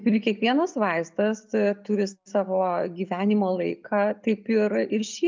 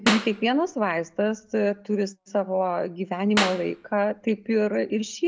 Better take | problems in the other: first | background sound (Clapping); 8 dB below the speech

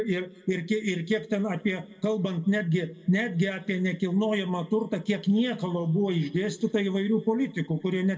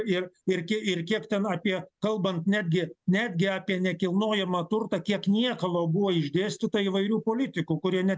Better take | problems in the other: second | room echo; dies away in 1 s

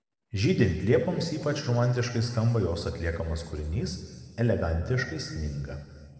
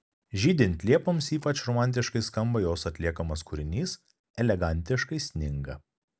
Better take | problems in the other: second | room echo; dies away in 1.9 s

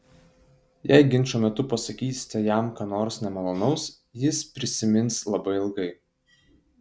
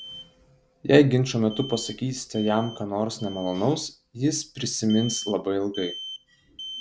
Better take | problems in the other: first | background sound (Alarm); 16 dB below the speech

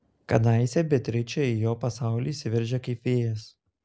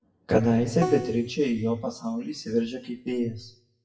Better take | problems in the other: first | noise reduction (classical method WPE with log-MMSE)

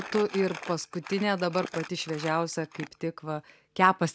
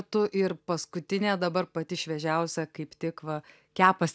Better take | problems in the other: second | background sound (Crumpling, crinkling); 15 dB below the speech

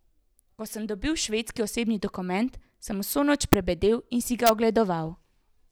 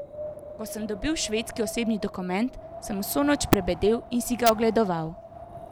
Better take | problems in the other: first | background sound (Wind); 13 dB below the speech

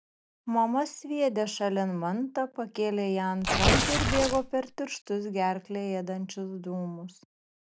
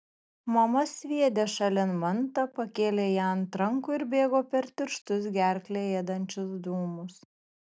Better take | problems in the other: second | background sound (Tearing); 3 dB above the speech

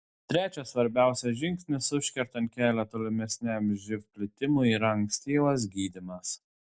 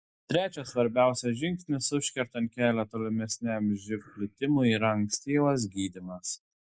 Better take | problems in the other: first | noise reduction (neural mask model Resemble Enhance denoiser)

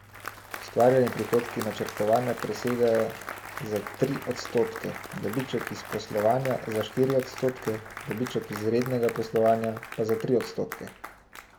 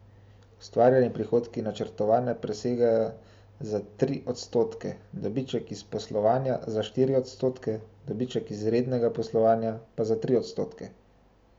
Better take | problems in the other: second | background sound (Applause); 12 dB below the speech

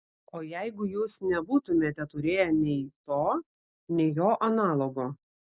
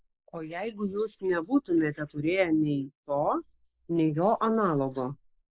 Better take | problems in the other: first | noise reduction (neural mask model Resemble Enhance denoiser)

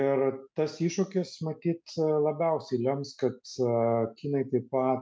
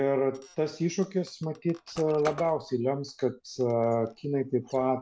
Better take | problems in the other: first | background sound (Squeak); 19 dB below the speech

